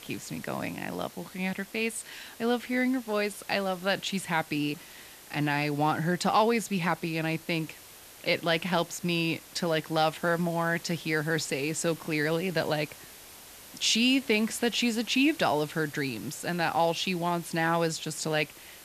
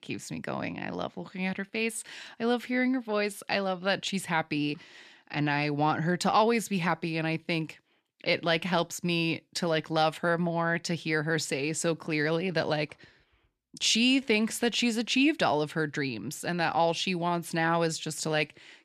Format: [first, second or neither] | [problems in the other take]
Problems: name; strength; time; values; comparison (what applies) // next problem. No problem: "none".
second | hiss; noticeable; throughout; 20 dB below the speech